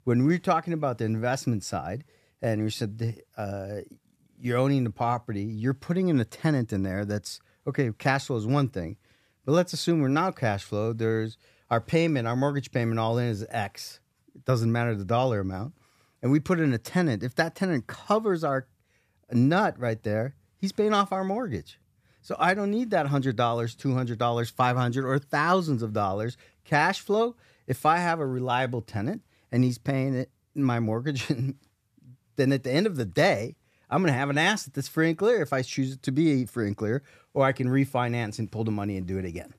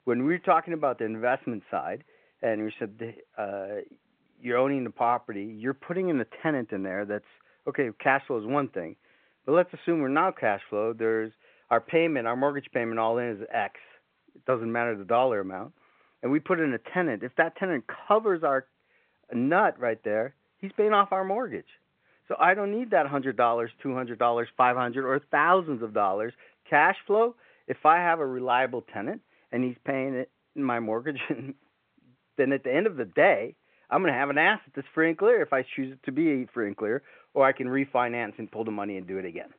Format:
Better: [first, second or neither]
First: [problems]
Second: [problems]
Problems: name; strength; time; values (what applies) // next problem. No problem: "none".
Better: first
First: none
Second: phone-call audio